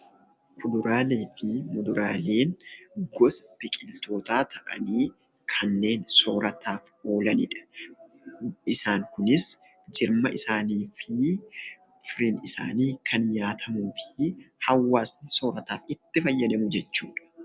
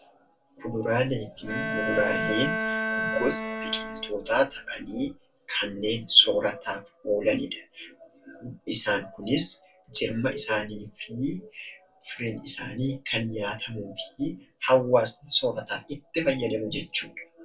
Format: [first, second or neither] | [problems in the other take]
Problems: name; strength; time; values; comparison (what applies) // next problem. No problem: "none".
first | background sound (Bowed string instrument); 2 dB below the speech // room echo; dies away in 0.2 s